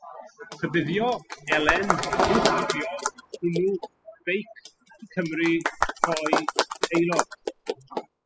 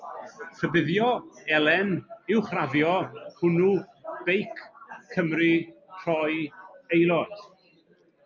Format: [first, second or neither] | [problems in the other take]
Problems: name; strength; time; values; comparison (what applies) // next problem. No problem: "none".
second | noise reduction (classical method spectral subtraction)